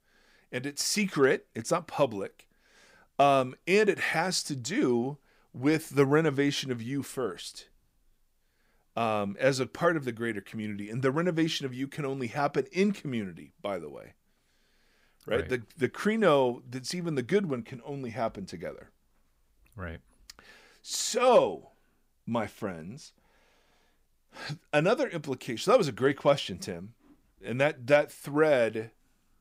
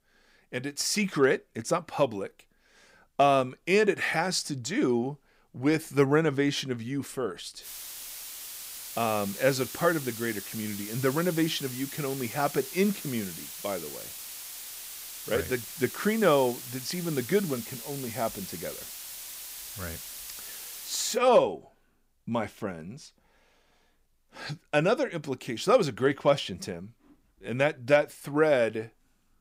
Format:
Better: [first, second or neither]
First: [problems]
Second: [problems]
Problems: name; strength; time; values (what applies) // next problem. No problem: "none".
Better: first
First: none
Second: hiss; noticeable; from 7.5 to 21 s; 10 dB below the speech